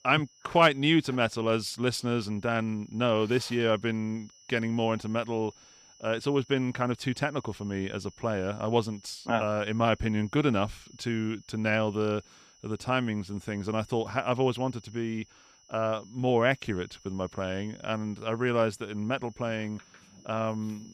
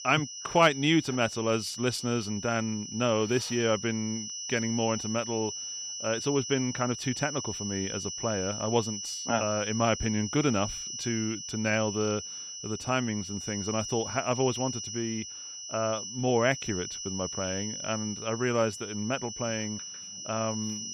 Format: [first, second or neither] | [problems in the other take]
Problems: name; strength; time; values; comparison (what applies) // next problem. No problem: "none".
first | high-pitched whine; loud; throughout; 6 kHz, 6 dB below the speech; faint in the first